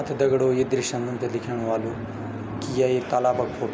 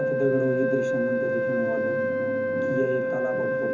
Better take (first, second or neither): first